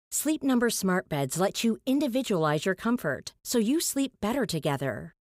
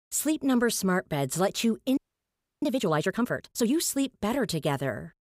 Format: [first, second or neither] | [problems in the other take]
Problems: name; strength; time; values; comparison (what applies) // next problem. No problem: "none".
first | audio freezing; at 2 s for 0.5 s